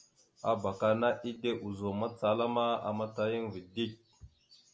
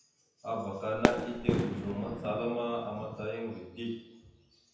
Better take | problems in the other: first | background sound (Fireworks); 2 dB above the speech // room echo; dies away in 0.9 s

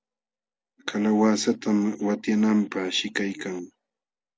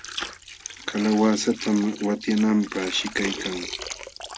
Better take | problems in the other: first | background sound (Water); 11 dB below the speech

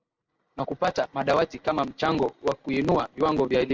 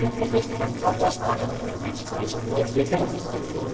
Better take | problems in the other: first | noise reduction (neural separator model SepFormer DNS4)

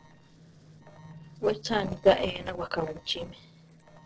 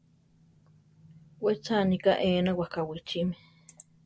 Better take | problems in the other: second | noise reduction (neural separator model SepFormer DNS4)

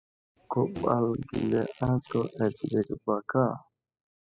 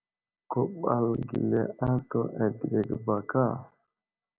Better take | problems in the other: second | noise reduction (classical method spectral subtraction)

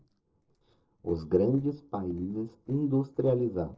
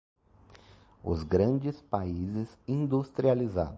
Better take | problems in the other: second | noise reduction (neural separator model SepFormer DNS4)

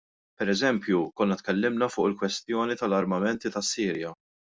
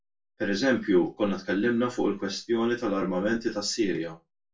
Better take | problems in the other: first | room echo; dies away in 0.2 s

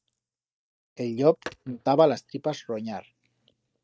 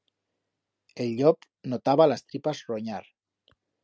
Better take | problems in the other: second | noise reduction (neural mask model DeepFilterNet 3)

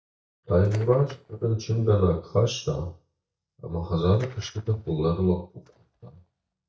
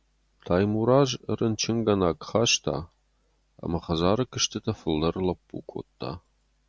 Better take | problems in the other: second | noise reduction (neural mask model DeepFilterNet 3)

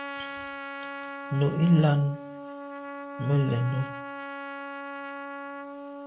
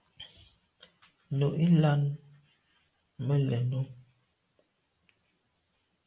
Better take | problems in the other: second | background sound (Trumpet); 9 dB below the speech

